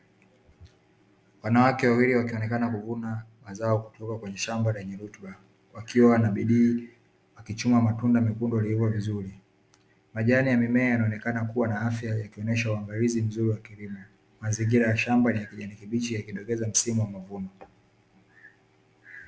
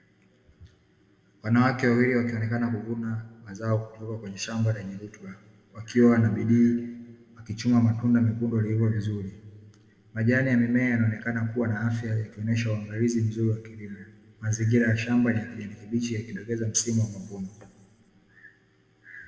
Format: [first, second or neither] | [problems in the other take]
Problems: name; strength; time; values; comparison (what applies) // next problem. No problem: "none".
first | room echo; dies away in 1.2 s